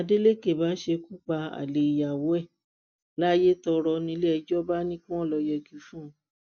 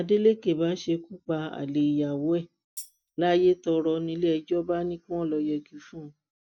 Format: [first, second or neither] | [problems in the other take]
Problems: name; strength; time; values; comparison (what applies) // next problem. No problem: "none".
first | background sound (Tambourine); 20 dB below the speech